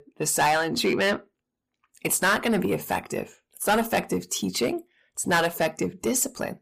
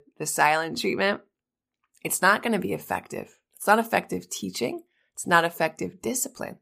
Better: second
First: distortion; heavy; 6 dB below the speech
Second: none

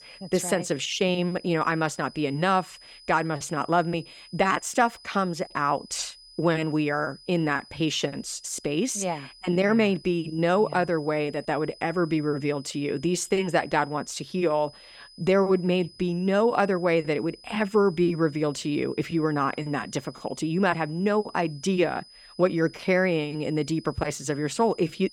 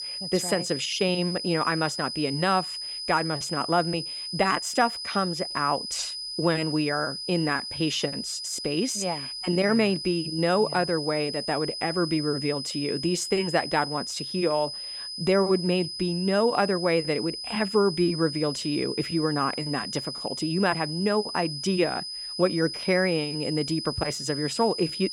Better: first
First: high-pitched whine; faint; throughout; 5 kHz, 20 dB below the speech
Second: high-pitched whine; loud; throughout; 5 kHz, 6 dB below the speech

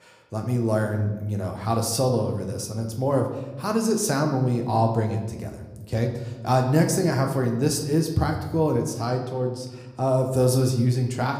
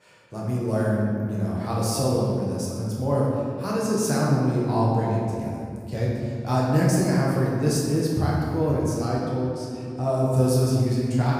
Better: first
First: room echo; slight; dies away in 0.9 s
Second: room echo; strong; dies away in 2.3 s // off-mic speech; far

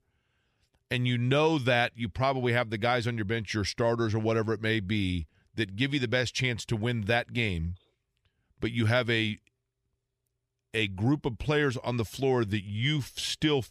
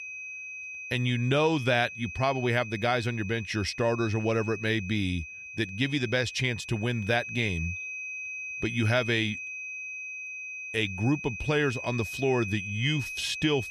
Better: first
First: none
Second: high-pitched whine; loud; throughout; 2.5 kHz, 8 dB below the speech

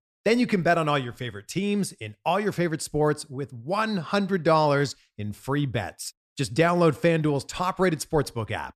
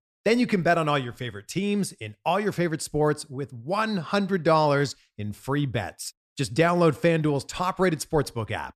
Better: neither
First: none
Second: none

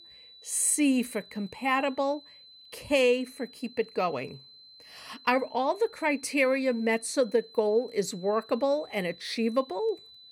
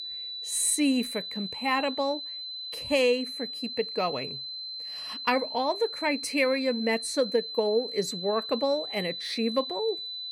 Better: first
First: high-pitched whine; faint; throughout; 4 kHz, 20 dB below the speech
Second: high-pitched whine; loud; throughout; 4 kHz, 6 dB below the speech

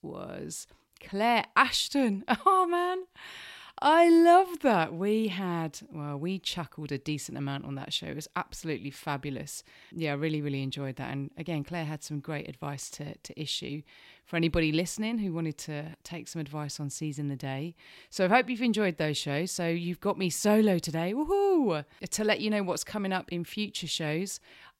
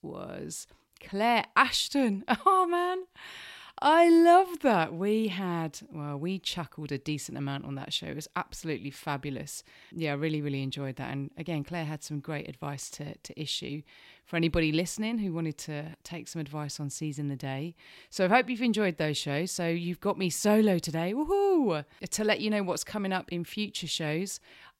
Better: neither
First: none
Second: none

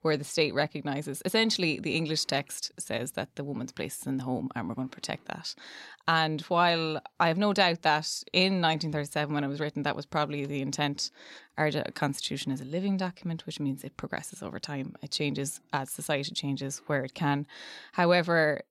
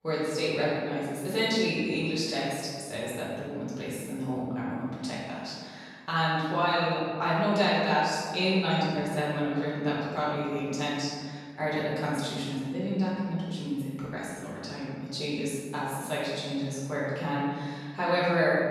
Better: first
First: none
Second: room echo; strong; dies away in 1.7 s // off-mic speech; far

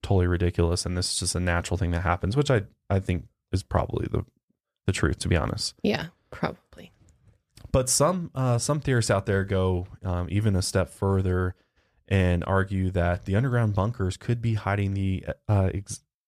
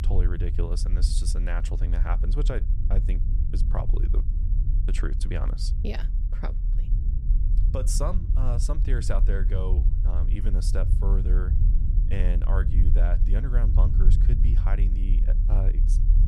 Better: first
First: none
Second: low rumble; loud; throughout; 7 dB below the speech

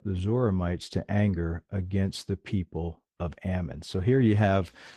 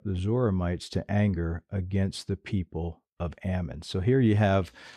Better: second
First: garbled, watery; slightly; nothing above 14 kHz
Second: none

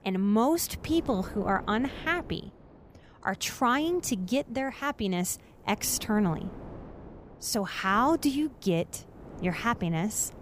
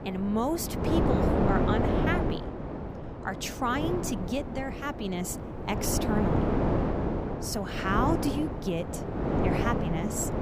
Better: first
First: wind noise on the microphone; occasional gusts; 20 dB below the speech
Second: wind noise on the microphone; heavy; as loud as the speech

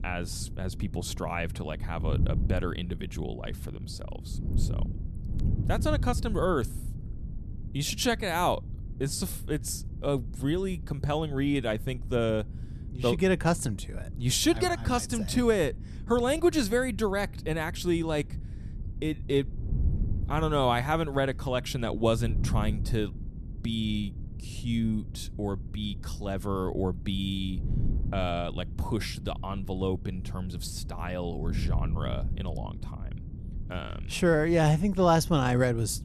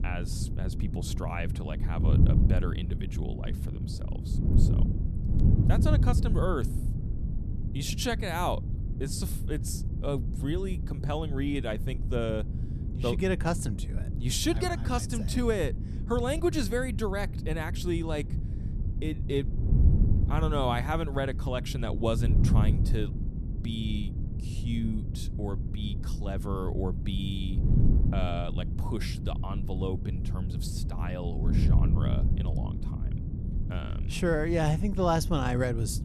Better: first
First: wind noise on the microphone; occasional gusts; 20 dB below the speech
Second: wind noise on the microphone; heavy; 9 dB below the speech

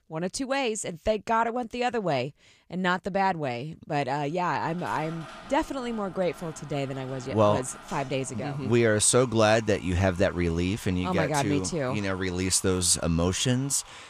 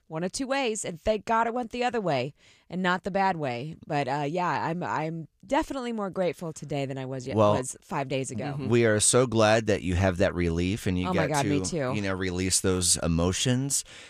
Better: second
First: household noises; faint; from 4.5 s on; 20 dB below the speech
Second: none

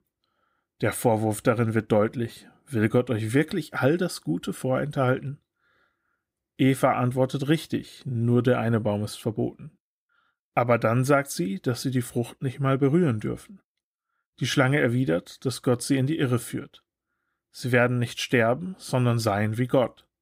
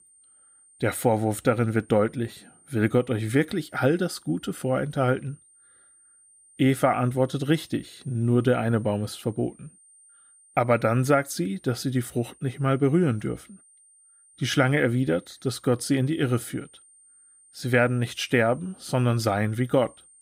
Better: first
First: none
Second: high-pitched whine; faint; throughout; 9 kHz, 30 dB below the speech

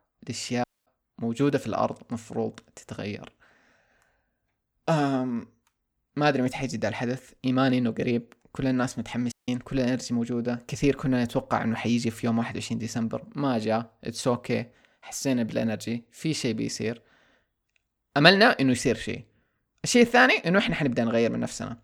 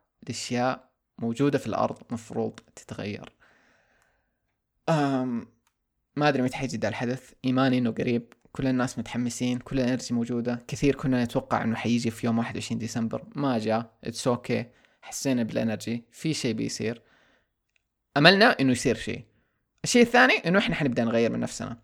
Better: second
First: audio cutting out; at 0.5 s and at 9.5 s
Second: none

